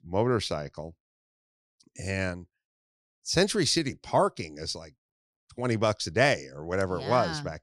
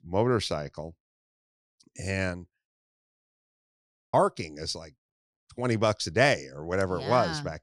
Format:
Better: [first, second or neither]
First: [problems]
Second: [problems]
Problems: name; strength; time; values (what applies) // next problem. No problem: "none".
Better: first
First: none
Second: audio cutting out; at 3 s for 1 s